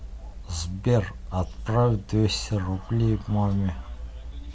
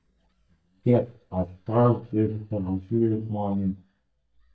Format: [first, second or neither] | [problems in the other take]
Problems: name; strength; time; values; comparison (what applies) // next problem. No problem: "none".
first | noise reduction (neural mask model DeepFilterNet 3)